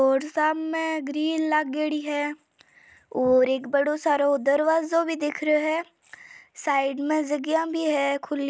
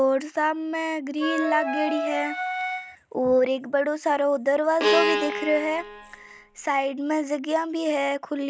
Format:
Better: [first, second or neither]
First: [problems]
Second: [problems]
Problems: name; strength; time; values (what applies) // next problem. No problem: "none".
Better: first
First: none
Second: background sound (Bowed string instrument + Wind instrument, woodwind instrument); 2 dB below the speech